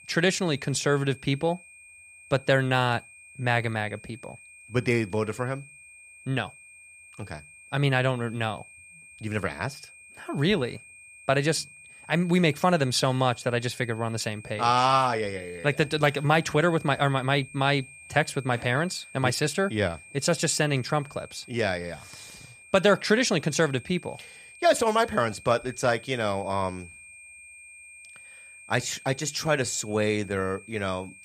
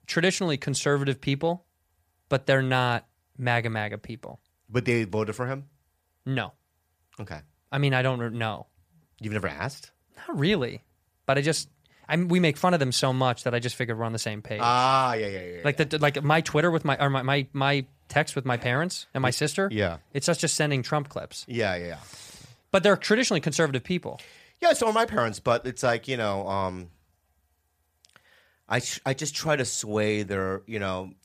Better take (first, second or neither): second